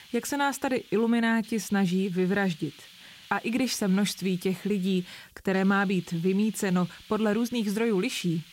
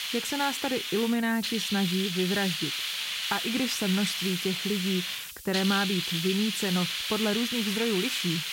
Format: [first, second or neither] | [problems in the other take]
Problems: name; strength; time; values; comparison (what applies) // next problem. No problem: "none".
first | hiss; loud; throughout; 1 dB below the speech; faint in the first